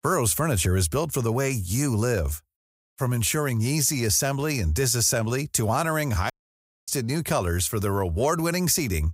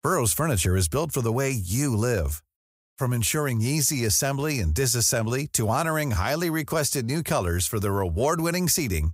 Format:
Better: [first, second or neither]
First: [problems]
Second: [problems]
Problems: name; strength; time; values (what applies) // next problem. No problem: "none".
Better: second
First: audio cutting out; at 6.5 s for 0.5 s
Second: none